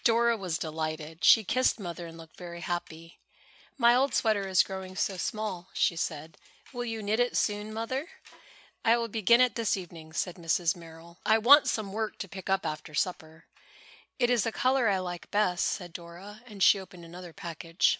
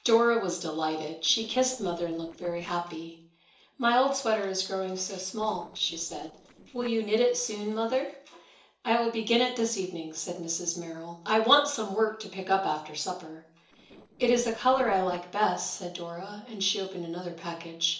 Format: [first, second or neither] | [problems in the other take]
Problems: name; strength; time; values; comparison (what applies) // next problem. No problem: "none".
first | noise reduction (neural separator model SepFormer DNS4)